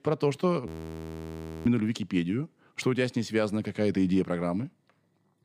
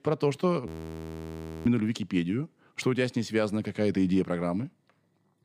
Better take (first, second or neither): neither